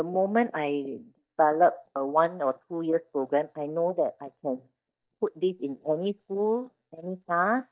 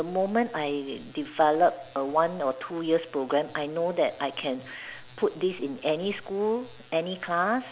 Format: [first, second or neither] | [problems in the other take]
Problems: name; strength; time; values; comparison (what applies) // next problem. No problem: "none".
second | noise reduction (neural mask model DeepFilterNet 3)